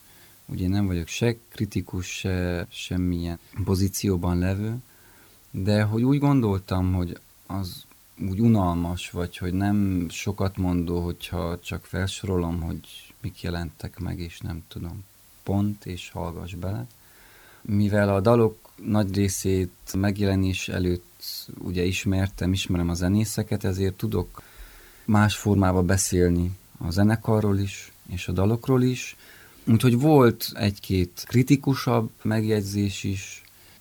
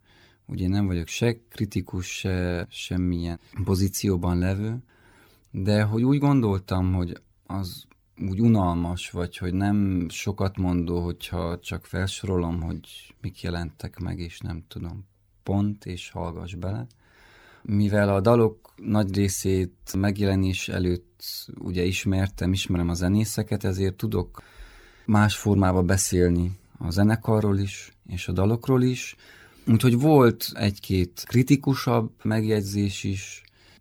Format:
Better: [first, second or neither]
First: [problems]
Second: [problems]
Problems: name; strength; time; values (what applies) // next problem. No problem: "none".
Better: second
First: hiss; faint; throughout; 25 dB below the speech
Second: none